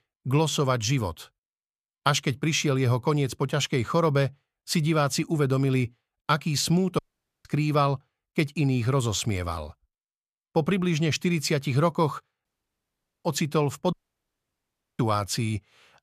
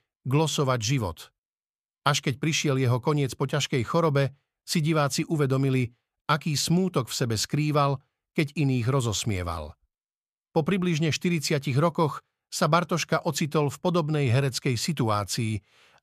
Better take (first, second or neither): second